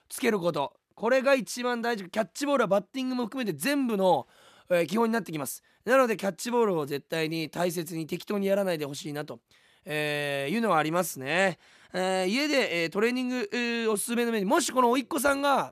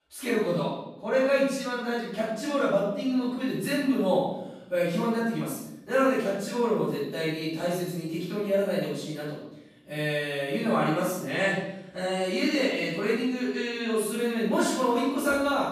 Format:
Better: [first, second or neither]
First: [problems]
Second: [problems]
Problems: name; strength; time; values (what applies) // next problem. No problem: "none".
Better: first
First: none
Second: room echo; strong; dies away in 0.8 s // off-mic speech; far